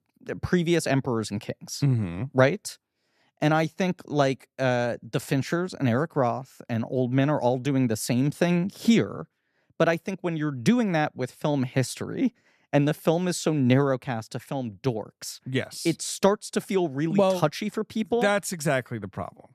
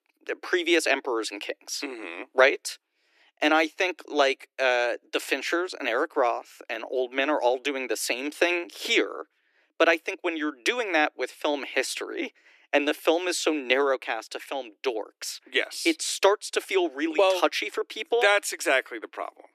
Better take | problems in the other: first | thin; very; fading below 300 Hz

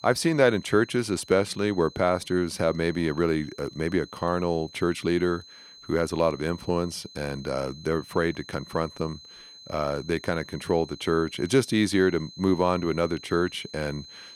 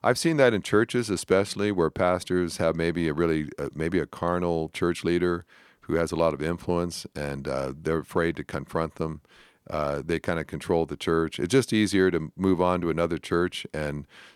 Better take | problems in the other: second | high-pitched whine; noticeable; throughout; 4 kHz, 20 dB below the speech

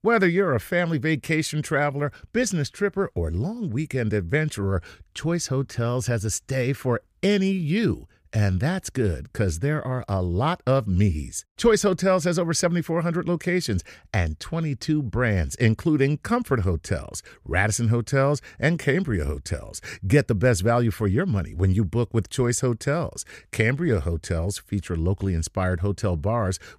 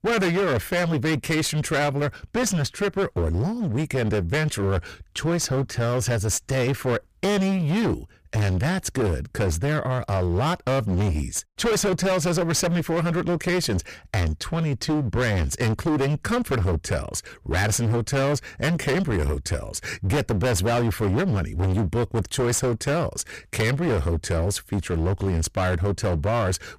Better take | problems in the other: first | distortion; heavy; 28% of the sound clipped

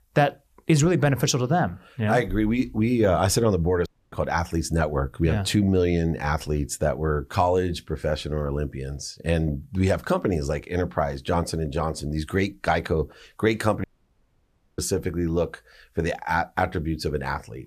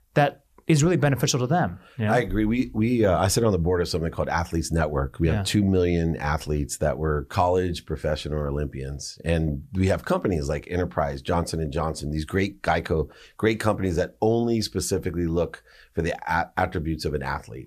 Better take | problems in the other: second | audio cutting out; at 4 s and at 14 s for 1 s

